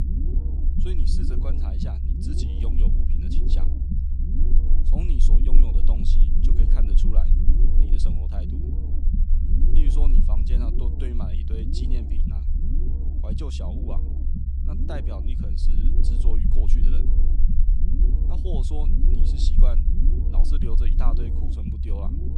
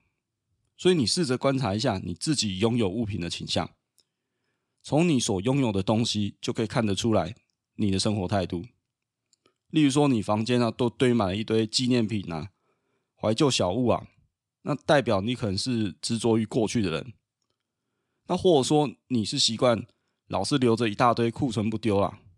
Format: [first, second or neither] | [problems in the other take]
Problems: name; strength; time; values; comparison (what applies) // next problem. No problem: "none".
second | low rumble; loud; throughout; as loud as the speech